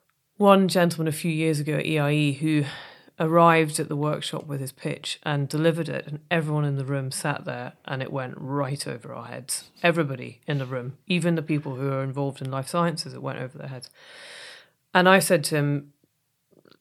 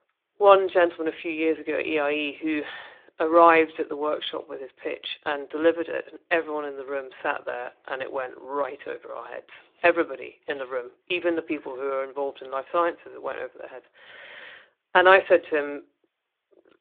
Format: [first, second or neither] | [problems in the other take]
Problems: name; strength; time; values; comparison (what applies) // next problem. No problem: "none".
first | phone-call audio